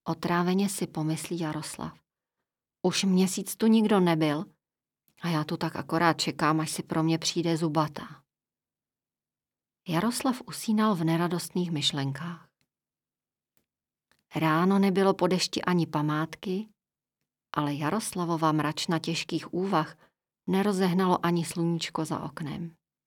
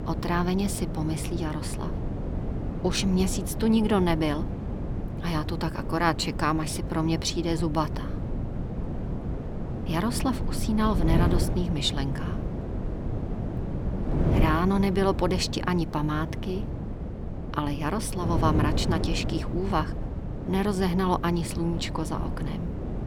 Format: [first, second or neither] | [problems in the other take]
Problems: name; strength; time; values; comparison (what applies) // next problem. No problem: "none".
first | wind noise on the microphone; heavy; 9 dB below the speech